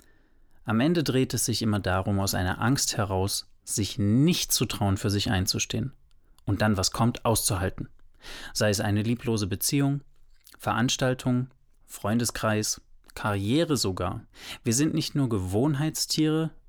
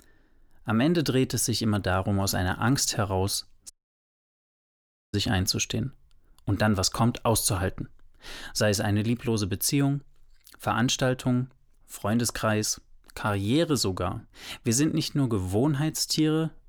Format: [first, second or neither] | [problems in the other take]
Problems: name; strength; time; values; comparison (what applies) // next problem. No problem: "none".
first | audio cutting out; at 3.5 s for 1.5 s